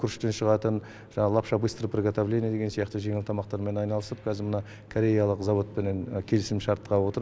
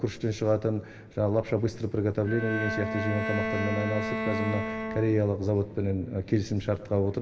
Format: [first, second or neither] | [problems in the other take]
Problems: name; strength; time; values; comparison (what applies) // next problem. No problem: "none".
first | background sound (Bowed string instrument); 5 dB below the speech // room echo; dies away in 2 s